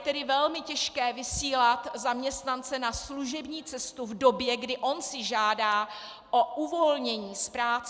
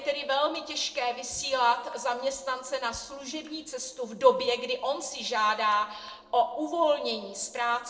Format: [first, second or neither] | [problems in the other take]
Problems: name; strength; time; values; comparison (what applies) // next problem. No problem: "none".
first | noise reduction (neural separator model SepFormer DNS4)